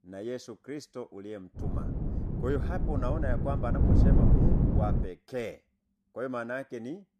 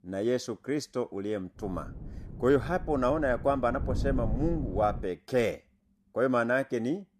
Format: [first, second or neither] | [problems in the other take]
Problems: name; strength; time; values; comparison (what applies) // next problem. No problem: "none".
second | wind noise on the microphone; heavy; from 1.5 to 5 s; as loud as the speech; occasional gusts in the second